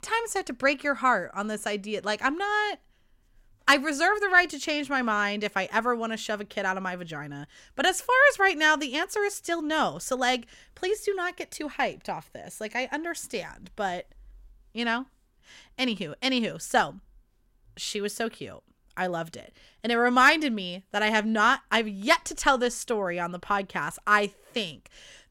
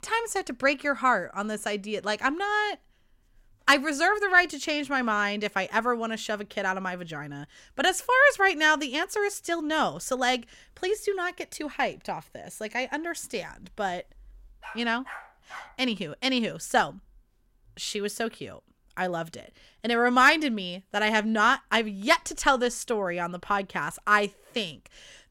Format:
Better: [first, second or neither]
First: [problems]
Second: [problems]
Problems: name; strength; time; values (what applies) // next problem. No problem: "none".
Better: first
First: none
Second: dog barking; faint; from 15 to 16 s; peak 15 dB below the speech